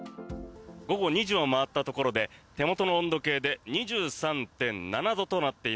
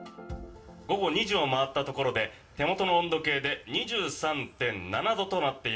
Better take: first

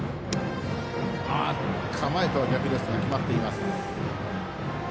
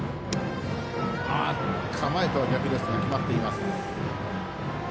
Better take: first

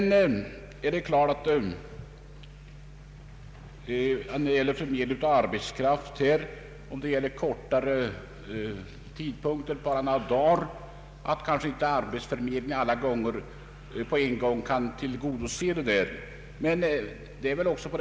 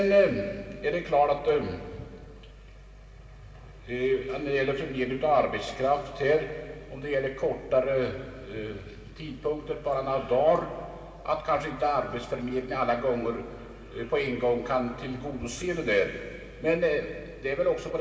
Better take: first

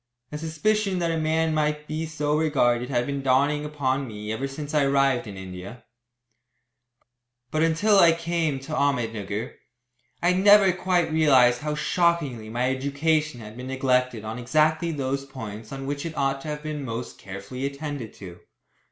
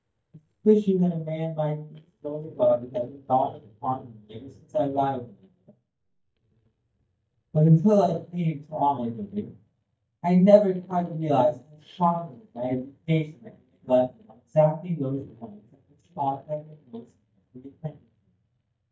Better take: first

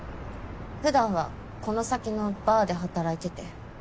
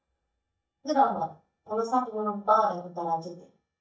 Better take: first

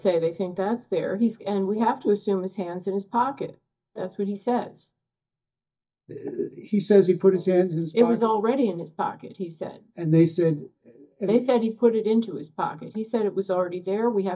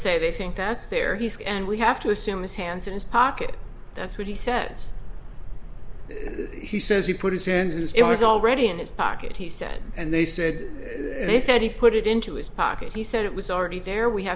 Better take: second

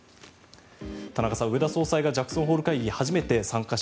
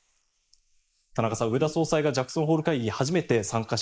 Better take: first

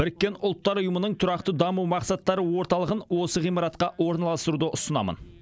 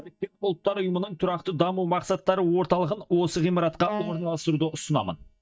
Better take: first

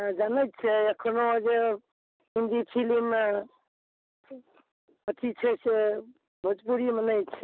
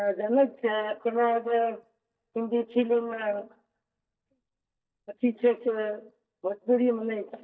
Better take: first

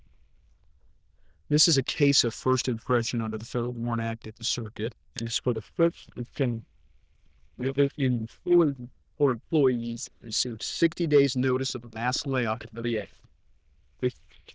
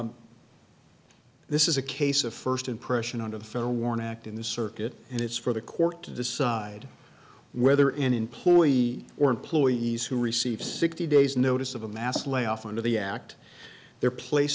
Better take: second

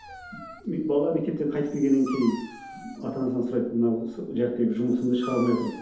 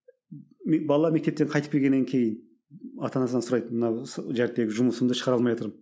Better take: second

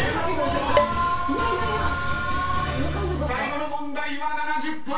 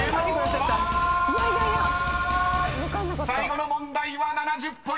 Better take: second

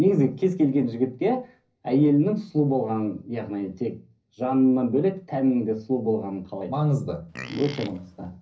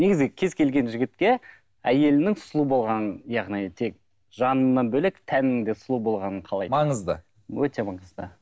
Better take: second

